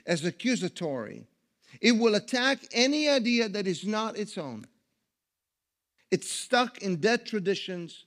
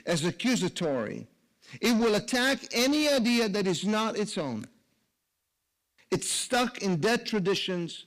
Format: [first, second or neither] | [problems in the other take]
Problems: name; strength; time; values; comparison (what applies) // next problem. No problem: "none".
first | distortion; heavy; 8 dB below the speech